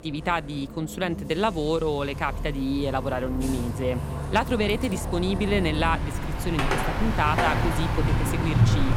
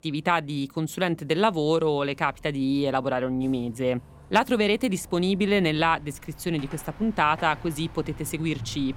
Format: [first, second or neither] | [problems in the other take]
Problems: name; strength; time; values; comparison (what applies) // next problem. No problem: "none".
second | traffic noise; loud; throughout; 1 dB below the speech; faint in the second